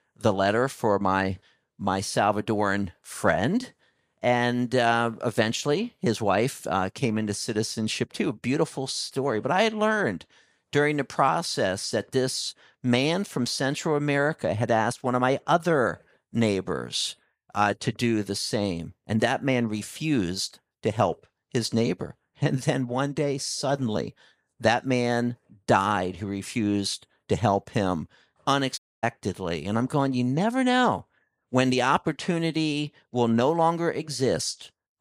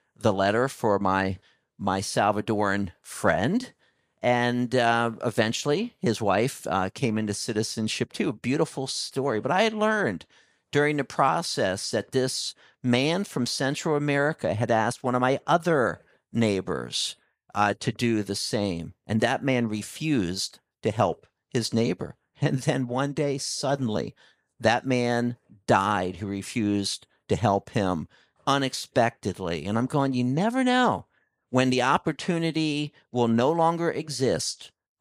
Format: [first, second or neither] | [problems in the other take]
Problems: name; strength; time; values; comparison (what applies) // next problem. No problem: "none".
second | audio cutting out; at 29 s